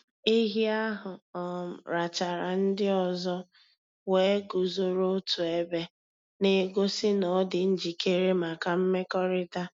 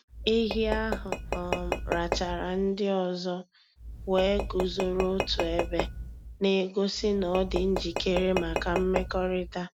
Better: first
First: none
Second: background sound (Tap / Glass); 5 dB below the speech

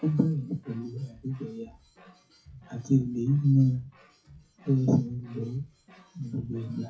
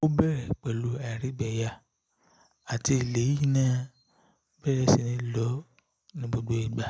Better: second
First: noise reduction (classical method WPE with log-MMSE)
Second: none

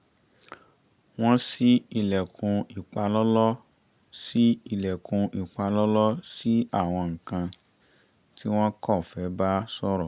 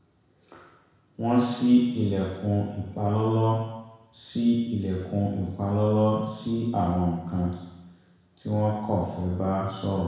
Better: first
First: none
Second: room echo; dies away in 1.1 s

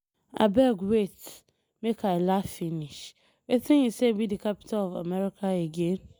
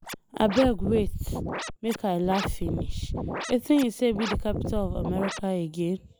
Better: first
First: none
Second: background sound (Scratching (performance technique)); 4 dB below the speech

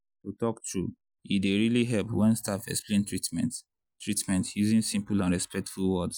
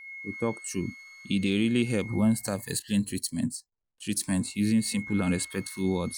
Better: first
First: none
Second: background sound (Wind instrument, woodwind instrument); 18 dB below the speech

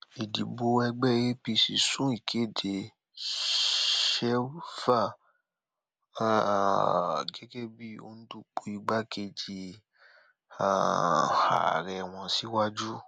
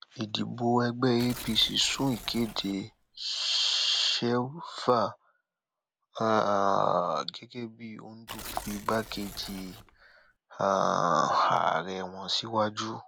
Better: first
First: none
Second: background sound (Tearing); 15 dB below the speech

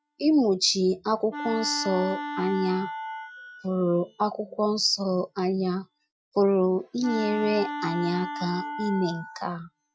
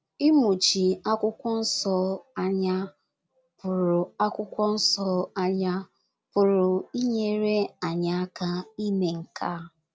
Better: second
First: noise reduction (classical method Wiener filter)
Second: none

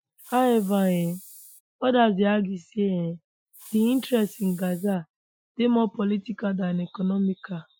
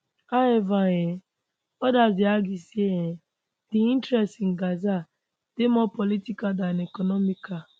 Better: second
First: noise reduction (classical method Wiener filter)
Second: none

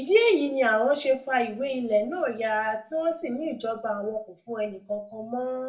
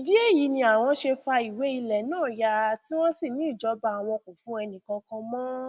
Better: second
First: room echo; dies away in 0.3 s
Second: none

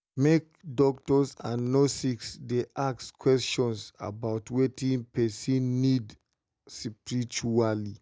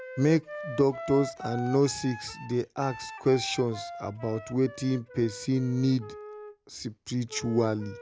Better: first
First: none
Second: background sound (Wind instrument, woodwind instrument); 13 dB below the speech

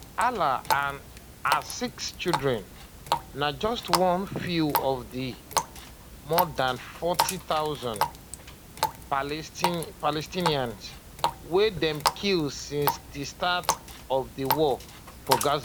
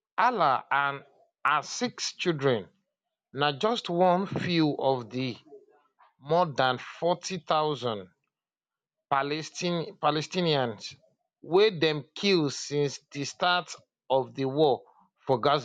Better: second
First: background sound (Water tap, faucet); 4 dB below the speech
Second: none

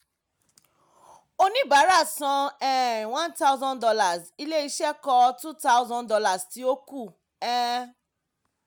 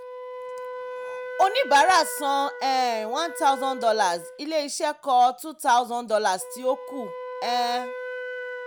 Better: first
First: none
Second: background sound (Wind instrument, woodwind instrument); 11 dB below the speech

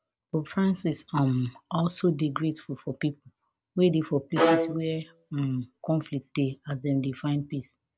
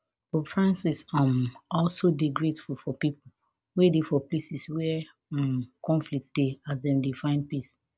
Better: second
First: background sound (Bowed string instrument); 1 dB above the speech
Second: none

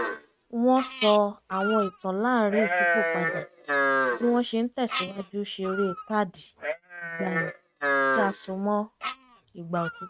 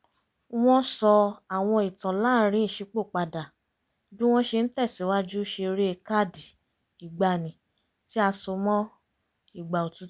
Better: second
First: noise reduction (neural mask model RNNoise)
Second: none

